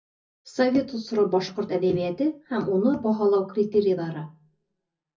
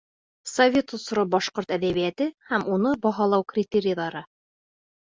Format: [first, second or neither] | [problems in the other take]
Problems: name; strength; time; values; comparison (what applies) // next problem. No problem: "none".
second | room echo; dies away in 0.4 s